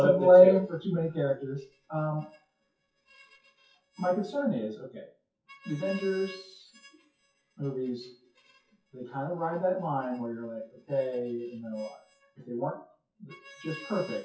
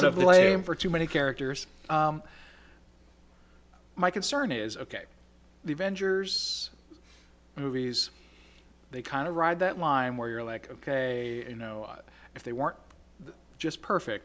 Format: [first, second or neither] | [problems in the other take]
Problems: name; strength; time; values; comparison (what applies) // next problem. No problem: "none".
second | noise reduction (classical method WPE with log-MMSE)